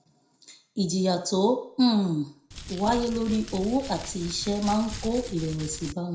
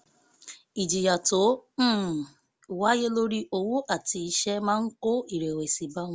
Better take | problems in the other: second | background sound (Crumpling, crinkling); 12 dB below the speech // room echo; dies away in 0.5 s

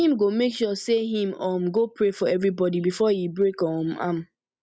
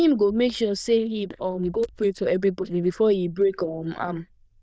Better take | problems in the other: first | noise reduction (neural diffusion model UNIVERSE++)

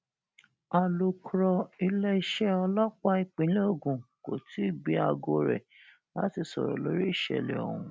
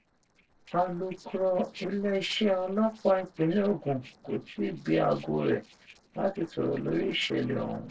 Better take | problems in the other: first | noise reduction (neural separator model SepFormer DNS4)

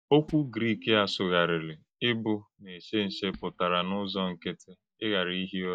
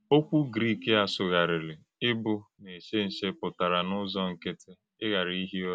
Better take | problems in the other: second | noise reduction (neural mask model DeepFilterNet 3)

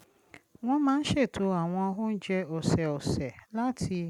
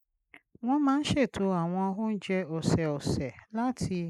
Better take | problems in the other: first | noise reduction (neural mask model Resemble Enhance denoiser)

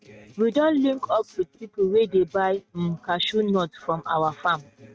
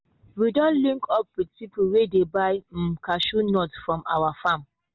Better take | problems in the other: second | noise reduction (neural mask model RNNoise)

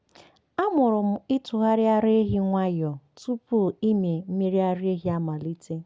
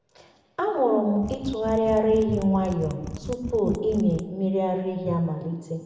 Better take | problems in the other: first | background sound (Mechanisms); 12 dB below the speech // room echo; dies away in 1 s

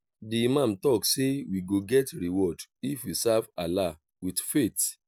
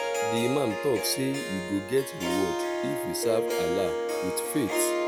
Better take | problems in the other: first | background sound (Harp); as loud as the speech

